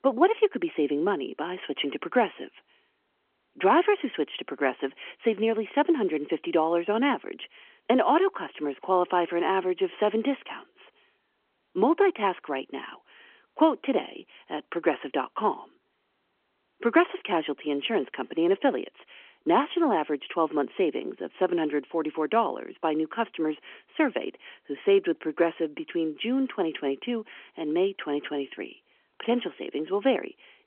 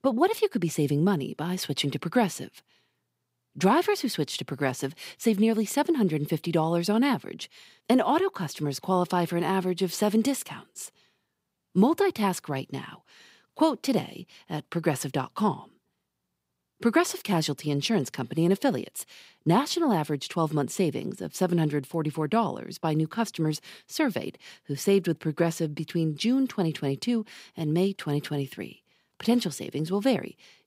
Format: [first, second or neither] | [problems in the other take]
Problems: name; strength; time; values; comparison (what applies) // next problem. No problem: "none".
second | phone-call audio; nothing above 3 kHz